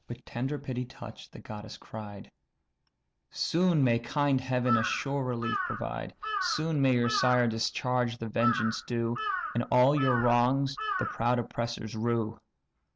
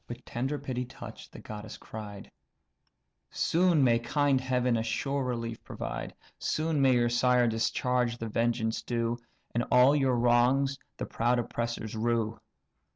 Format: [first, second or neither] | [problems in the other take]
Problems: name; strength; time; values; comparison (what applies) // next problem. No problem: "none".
second | background sound (Bird vocalization, bird call, bird song / Crow); 6 dB below the speech